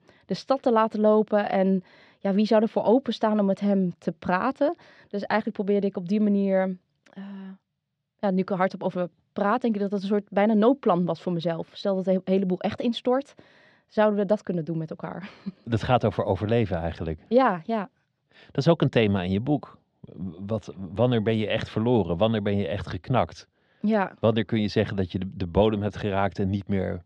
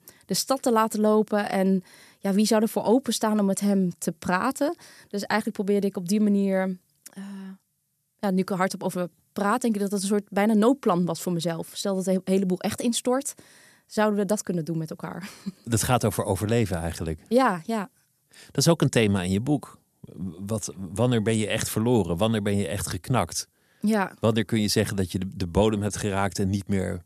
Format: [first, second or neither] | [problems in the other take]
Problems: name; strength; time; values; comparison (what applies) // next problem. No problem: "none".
second | muffled; very; fading above 3.5 kHz